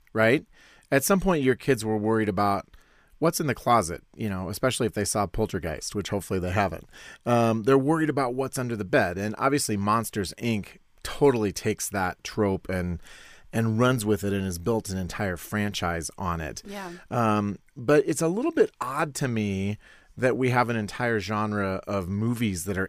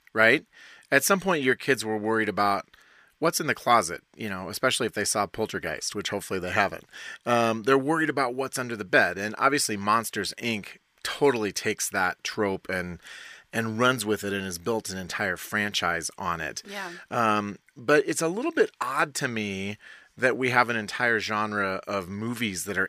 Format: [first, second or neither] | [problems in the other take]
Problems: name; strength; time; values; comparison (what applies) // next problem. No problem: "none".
first | thin; very slightly; fading below 300 Hz